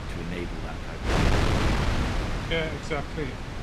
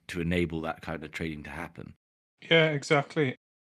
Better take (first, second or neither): second